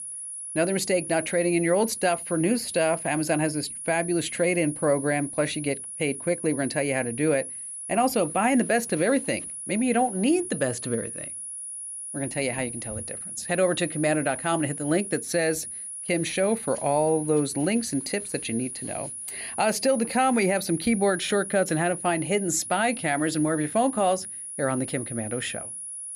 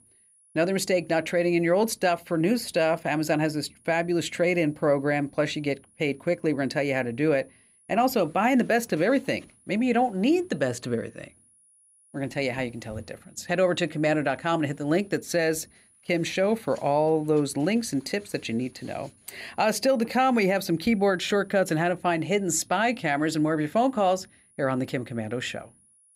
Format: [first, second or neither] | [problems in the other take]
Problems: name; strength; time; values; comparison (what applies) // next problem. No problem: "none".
second | high-pitched whine; loud; throughout; 10.5 kHz, 8 dB below the speech; faint in the second